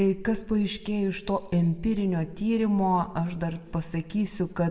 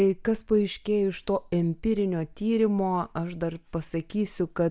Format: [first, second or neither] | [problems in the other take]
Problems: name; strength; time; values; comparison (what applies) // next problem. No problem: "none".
second | room echo; dies away in 1.3 s